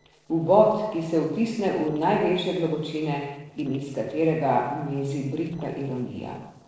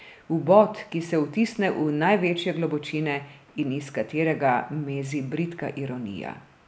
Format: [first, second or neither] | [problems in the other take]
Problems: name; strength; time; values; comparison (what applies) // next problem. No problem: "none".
second | noise reduction (neural separator model SepFormer DNS4)